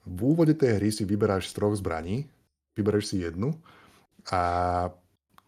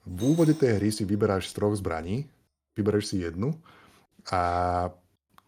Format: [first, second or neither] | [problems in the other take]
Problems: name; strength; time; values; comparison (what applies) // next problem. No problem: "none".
first | alarms or sirens; very faint; until 1.5 s; 20 dB below the speech